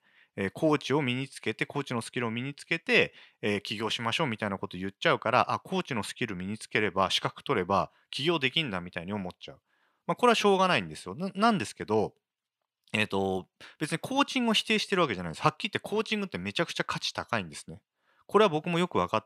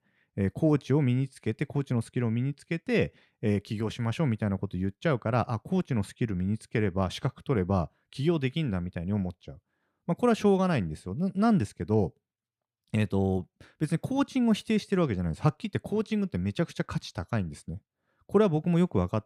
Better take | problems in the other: second | thin; somewhat; fading below 700 Hz

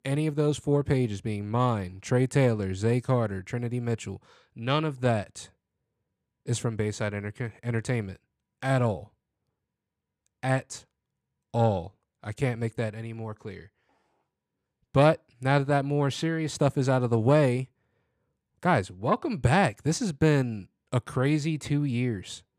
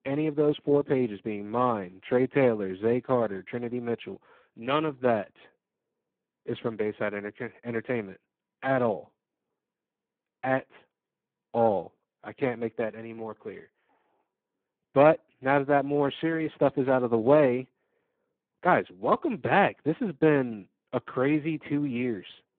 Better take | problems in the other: first | phone-call audio; poor line

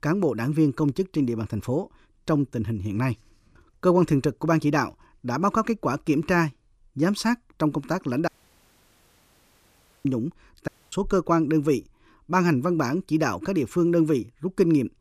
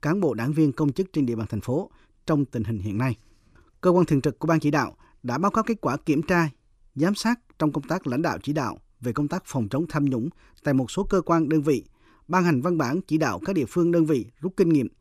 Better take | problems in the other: second | audio cutting out; at 8.5 s for 2 s and at 11 s

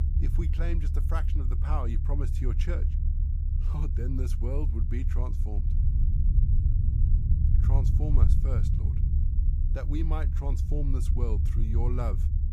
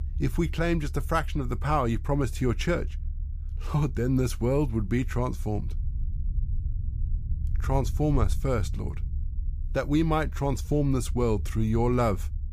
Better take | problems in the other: second | low rumble; loud; throughout; 4 dB below the speech; faint in the second

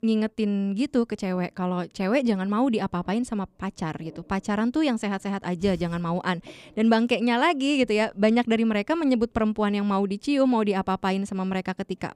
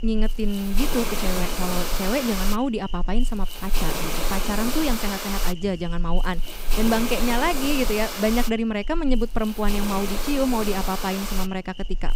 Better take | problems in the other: first | hiss; loud; throughout; 4 dB below the speech

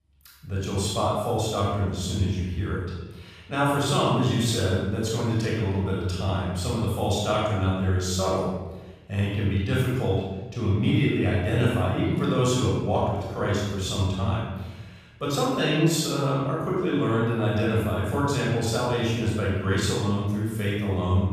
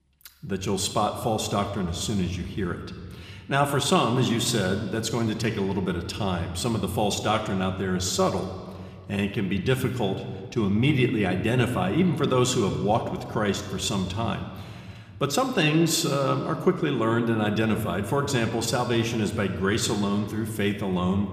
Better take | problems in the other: second | room echo; strong; dies away in 1 s; slight in the second // off-mic speech; far

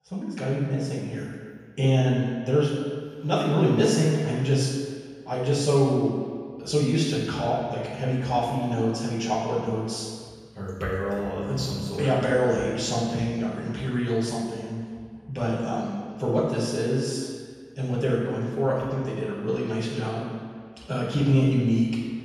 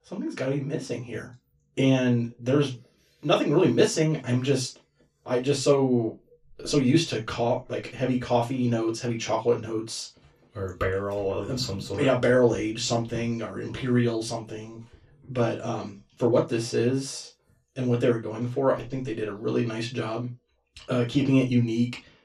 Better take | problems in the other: second | room echo; strong; dies away in 1.6 s; slight in the second // off-mic speech; far; far in the second

